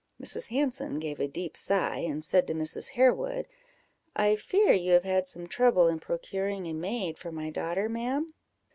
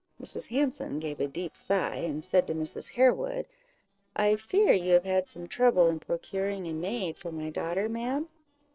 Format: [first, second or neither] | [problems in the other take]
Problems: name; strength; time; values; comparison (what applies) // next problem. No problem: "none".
first | noise reduction (neural separator model SepFormer DNS4)